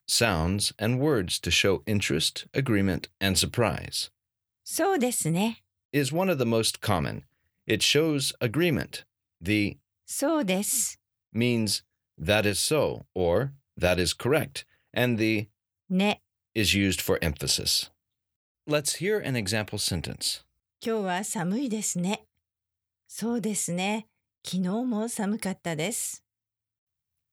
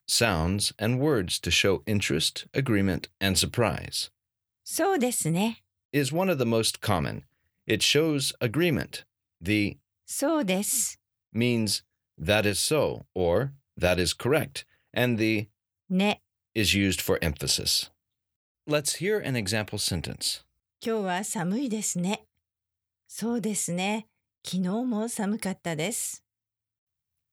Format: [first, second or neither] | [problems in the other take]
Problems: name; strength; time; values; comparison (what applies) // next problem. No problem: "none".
neither | none